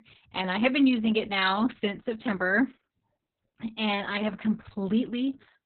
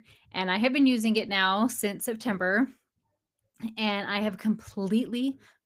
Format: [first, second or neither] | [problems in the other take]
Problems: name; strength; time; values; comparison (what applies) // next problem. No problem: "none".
second | garbled, watery; badly; nothing above 4 kHz; slightly in the second